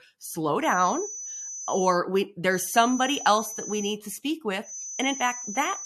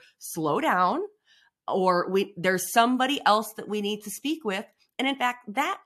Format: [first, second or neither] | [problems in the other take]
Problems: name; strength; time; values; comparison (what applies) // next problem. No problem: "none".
second | high-pitched whine; loud; from 0.5 to 2 s, from 2.5 to 4 s and from 4.5 s on; 6 kHz, 9 dB below the speech